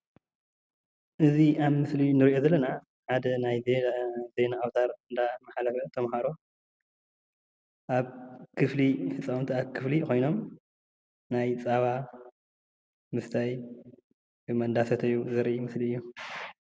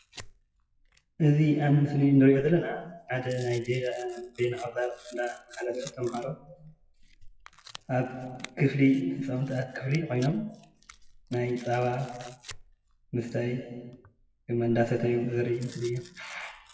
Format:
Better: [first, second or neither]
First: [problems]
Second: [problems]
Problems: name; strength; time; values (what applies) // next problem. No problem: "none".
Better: first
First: none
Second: noise reduction (classical method WPE with log-MMSE)